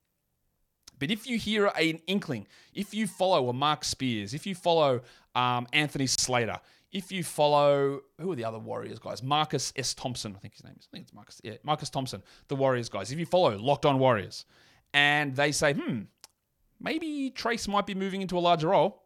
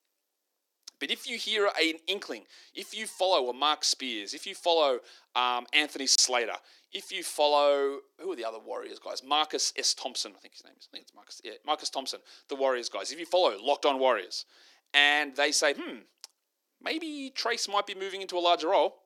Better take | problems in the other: first | thin; somewhat; fading below 300 Hz

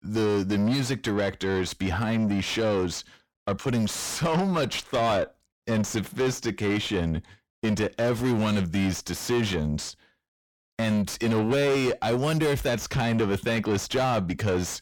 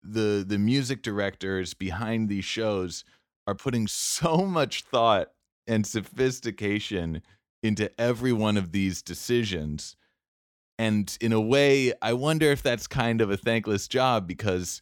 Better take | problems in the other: second | distortion; heavy; 7 dB below the speech

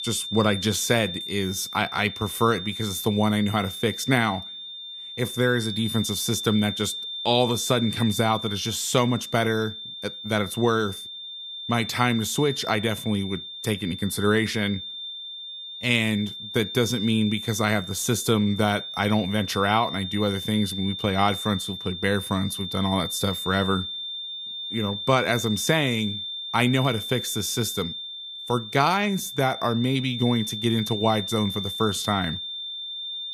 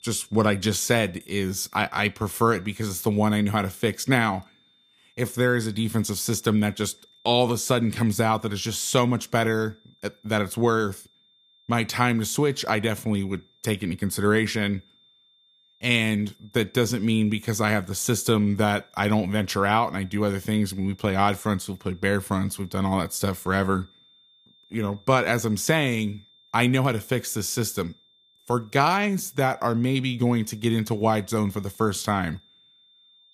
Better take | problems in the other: second | high-pitched whine; loud; throughout; 3.5 kHz, 7 dB below the speech; faint in the second

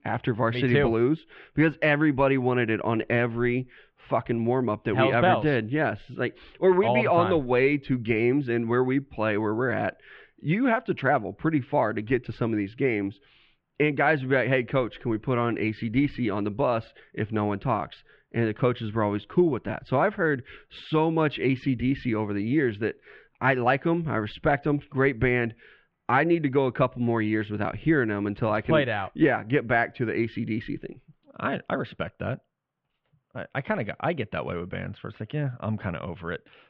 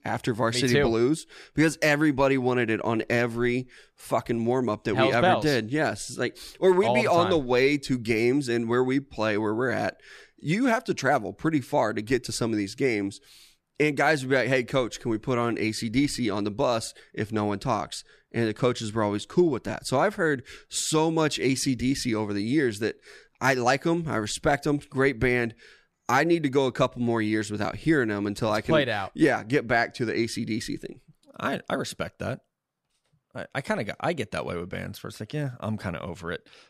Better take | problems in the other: second | muffled; very; fading above 3 kHz

